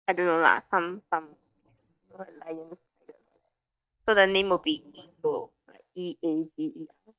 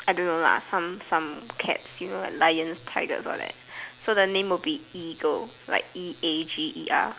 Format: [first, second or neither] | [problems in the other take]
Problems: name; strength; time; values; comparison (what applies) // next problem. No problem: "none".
second | noise reduction (neural mask model DeepFilterNet 3)